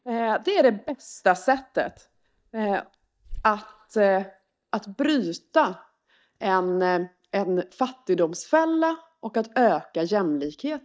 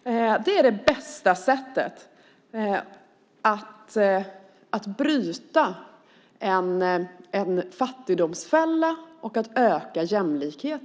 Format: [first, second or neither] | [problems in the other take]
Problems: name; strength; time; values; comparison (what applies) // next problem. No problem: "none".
second | noise reduction (neural mask model DeepFilterNet 3)